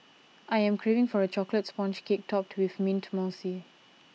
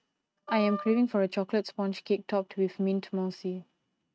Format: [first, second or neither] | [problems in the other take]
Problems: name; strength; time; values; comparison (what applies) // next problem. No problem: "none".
first | noise reduction (neural mask model RNNoise)